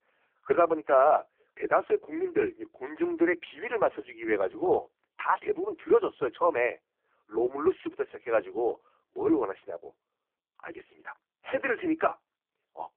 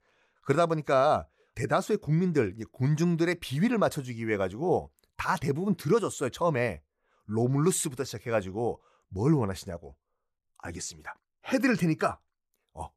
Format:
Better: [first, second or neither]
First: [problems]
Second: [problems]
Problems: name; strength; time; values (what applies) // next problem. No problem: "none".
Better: second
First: phone-call audio; poor line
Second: none